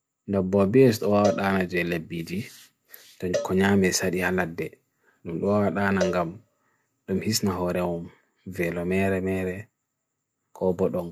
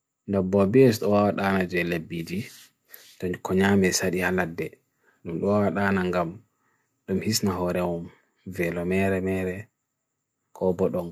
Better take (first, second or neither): second